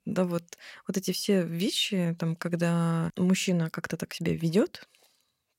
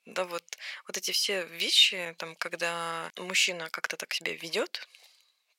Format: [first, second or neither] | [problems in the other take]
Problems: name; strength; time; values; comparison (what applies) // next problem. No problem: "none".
first | thin; very; fading below 700 Hz